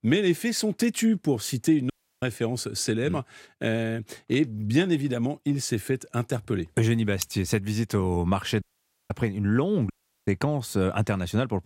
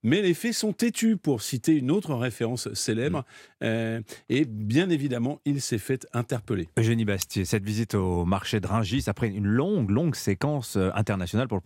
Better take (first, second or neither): second